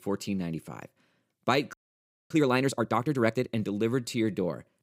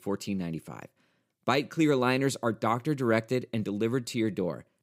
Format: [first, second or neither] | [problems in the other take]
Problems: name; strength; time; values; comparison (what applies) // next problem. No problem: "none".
second | audio freezing; at 1.5 s for 0.5 s